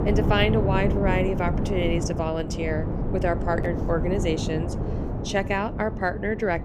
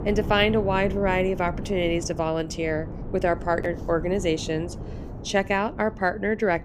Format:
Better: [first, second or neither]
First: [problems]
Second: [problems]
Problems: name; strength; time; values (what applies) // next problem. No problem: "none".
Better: second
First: wind noise on the microphone; heavy; 7 dB below the speech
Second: wind noise on the microphone; occasional gusts; 15 dB below the speech